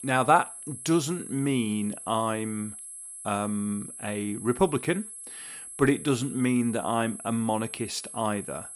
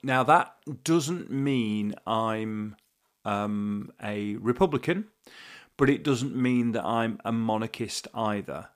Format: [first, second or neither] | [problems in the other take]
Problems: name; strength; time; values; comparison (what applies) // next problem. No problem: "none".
second | high-pitched whine; noticeable; throughout; 11 kHz, 10 dB below the speech